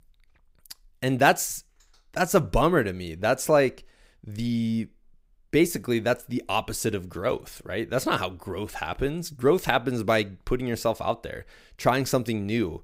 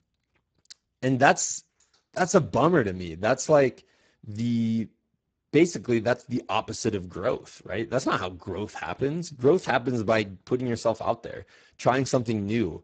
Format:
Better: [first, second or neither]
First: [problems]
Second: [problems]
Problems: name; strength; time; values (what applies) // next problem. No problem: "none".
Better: first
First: none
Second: garbled, watery; badly; nothing above 7.5 kHz